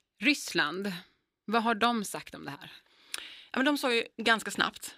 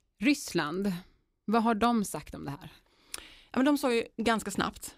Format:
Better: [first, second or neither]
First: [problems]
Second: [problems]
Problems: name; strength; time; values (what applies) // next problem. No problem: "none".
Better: second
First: thin; very slightly; fading below 550 Hz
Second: none